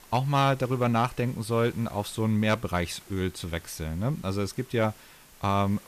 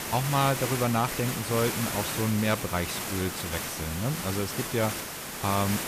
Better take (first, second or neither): first